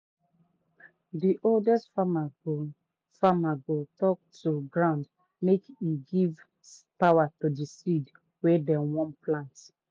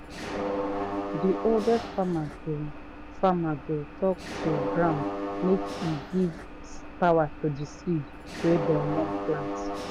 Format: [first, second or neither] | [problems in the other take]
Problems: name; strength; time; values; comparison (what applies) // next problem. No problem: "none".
first | background sound (Mechanisms); 5 dB below the speech